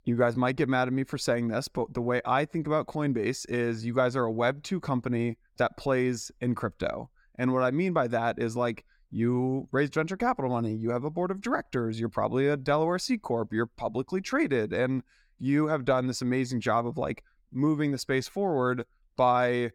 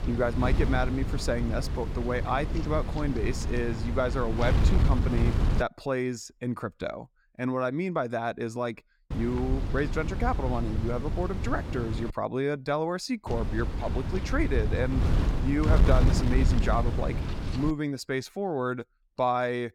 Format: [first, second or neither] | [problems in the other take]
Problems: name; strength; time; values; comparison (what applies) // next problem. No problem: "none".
first | wind noise on the microphone; heavy; until 5.5 s, from 9 to 12 s and from 13 to 18 s; 8 dB below the speech